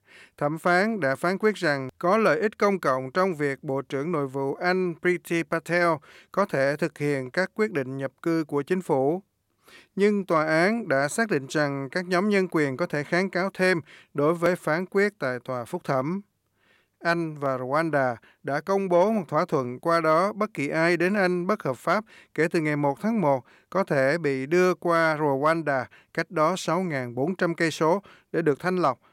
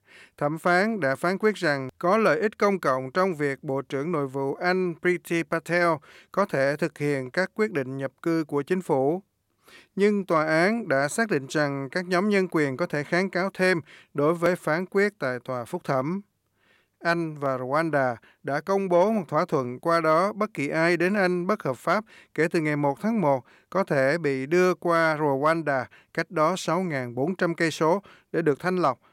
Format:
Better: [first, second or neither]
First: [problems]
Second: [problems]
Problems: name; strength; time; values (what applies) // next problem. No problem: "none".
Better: neither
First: none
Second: none